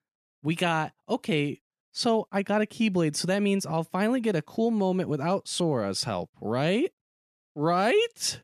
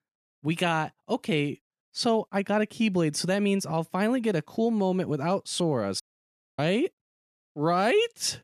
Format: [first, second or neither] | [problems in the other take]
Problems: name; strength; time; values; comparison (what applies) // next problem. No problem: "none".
first | audio cutting out; at 6 s for 0.5 s